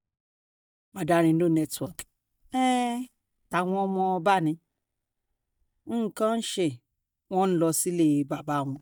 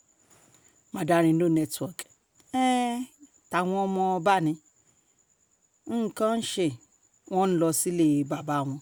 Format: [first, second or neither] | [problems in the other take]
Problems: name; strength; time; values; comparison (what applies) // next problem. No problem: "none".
second | noise reduction (neural mask model DeepFilterNet 3)